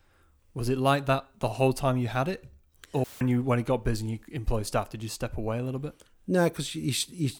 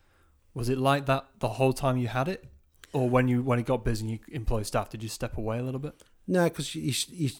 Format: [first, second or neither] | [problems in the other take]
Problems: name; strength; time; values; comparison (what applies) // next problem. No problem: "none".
second | audio cutting out; filled with static; at 3 s